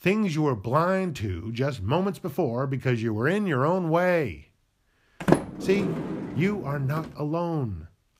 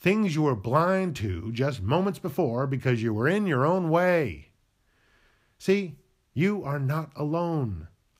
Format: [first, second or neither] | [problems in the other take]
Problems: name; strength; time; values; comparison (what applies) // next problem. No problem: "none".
second | door banging; loud; at 5.5 s; peak 2 dB above the speech